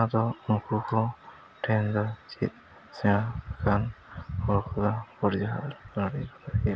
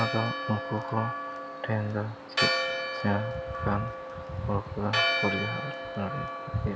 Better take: first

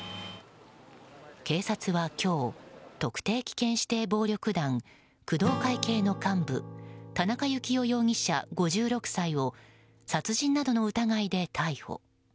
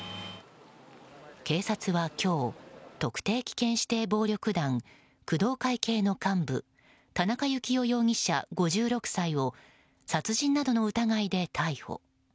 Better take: second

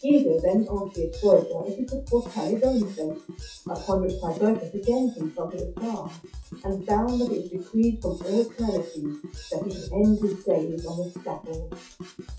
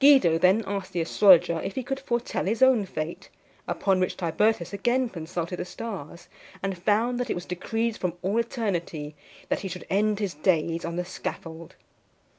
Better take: second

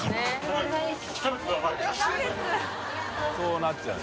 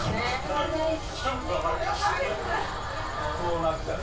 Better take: first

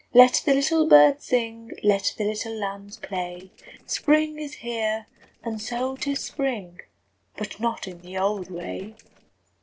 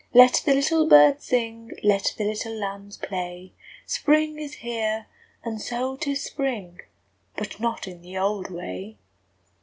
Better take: second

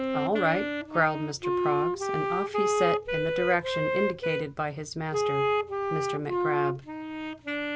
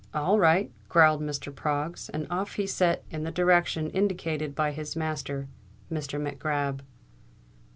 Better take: second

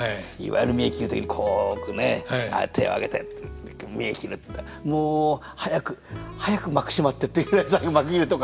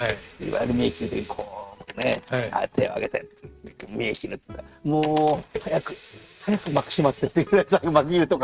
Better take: first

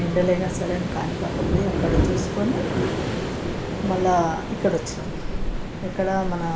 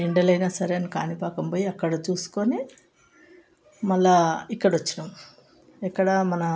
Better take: second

